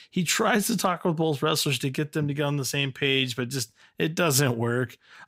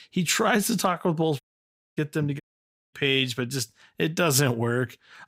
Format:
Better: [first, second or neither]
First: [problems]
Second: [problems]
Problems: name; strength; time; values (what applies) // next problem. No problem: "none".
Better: first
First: none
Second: audio cutting out; at 1.5 s for 0.5 s and at 2.5 s for 0.5 s